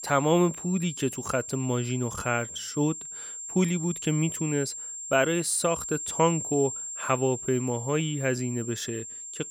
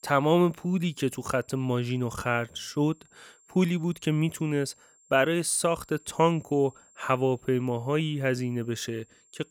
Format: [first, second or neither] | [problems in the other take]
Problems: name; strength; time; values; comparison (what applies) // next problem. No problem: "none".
second | high-pitched whine; loud; throughout; 7.5 kHz, 7 dB below the speech; faint in the second